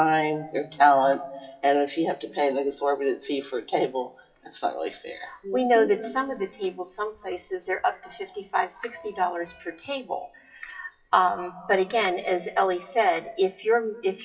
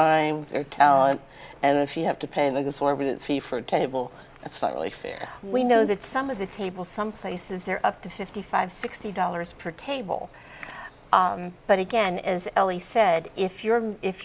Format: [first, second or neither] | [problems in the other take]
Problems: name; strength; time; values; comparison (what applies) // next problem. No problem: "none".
second | noise reduction (classical method WPE with log-MMSE)